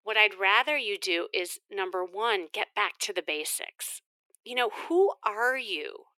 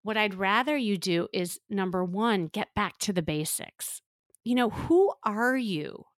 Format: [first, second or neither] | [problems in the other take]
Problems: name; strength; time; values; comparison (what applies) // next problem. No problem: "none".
second | thin; very; fading below 350 Hz